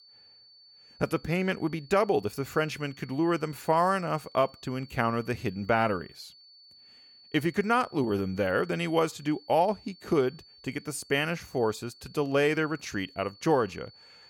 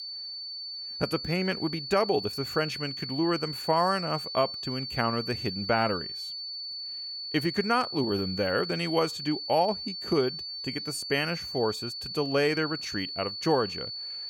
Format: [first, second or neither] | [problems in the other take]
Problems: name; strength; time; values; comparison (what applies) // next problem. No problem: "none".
first | high-pitched whine; loud; throughout; 4.5 kHz, 5 dB below the speech; faint in the first